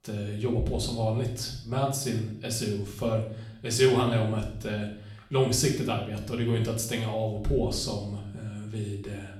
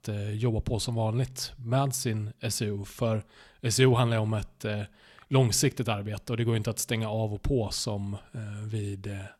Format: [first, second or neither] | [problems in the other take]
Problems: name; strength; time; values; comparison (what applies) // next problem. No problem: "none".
second | room echo; slight; dies away in 0.6 s // off-mic speech; far